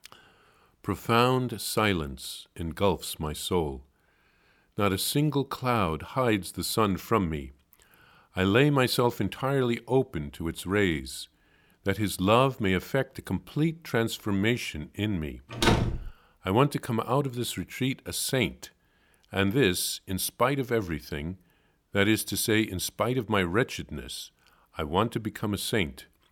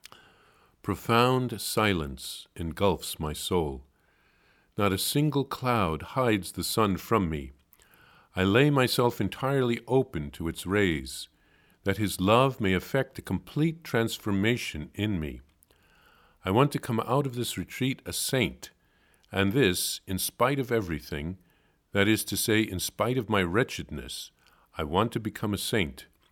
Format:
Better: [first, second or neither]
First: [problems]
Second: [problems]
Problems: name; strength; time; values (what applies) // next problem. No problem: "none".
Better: second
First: door banging; loud; at 16 s; peak 3 dB above the speech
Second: none